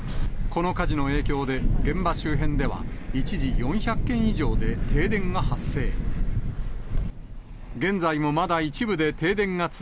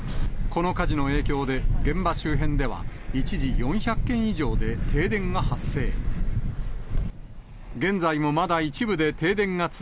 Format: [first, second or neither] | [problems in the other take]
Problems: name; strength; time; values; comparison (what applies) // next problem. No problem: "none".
second | background sound (Thunder / Rain); 10 dB below the speech